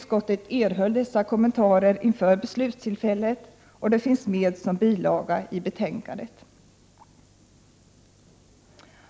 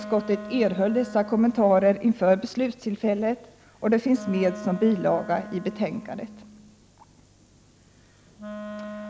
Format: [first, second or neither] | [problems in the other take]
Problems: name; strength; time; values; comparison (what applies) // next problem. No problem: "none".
first | background sound (Wind instrument, woodwind instrument); 15 dB below the speech